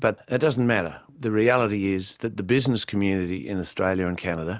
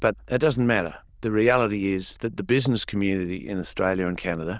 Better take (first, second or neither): first